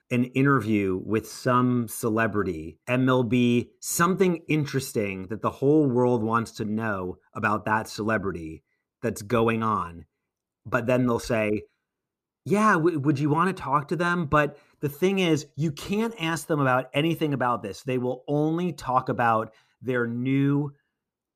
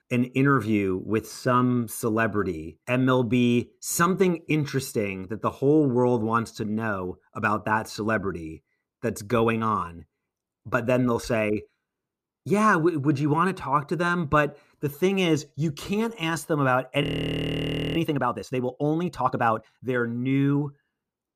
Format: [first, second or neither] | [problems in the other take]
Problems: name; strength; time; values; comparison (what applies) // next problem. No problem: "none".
first | audio freezing; at 17 s for 1 s